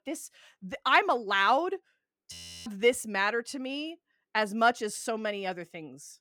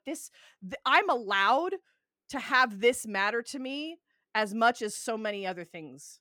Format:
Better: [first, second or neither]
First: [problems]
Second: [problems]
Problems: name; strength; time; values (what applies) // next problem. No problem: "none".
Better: second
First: audio freezing; at 2.5 s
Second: none